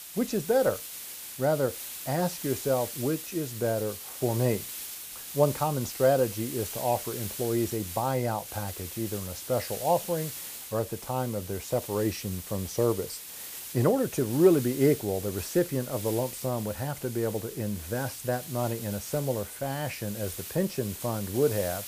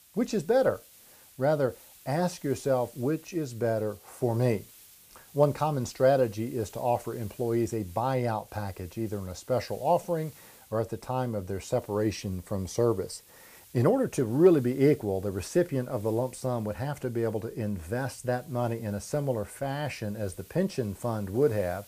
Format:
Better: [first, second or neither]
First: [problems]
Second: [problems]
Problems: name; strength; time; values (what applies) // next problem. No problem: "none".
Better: second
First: hiss; loud; throughout; 9 dB below the speech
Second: hiss; faint; throughout; 25 dB below the speech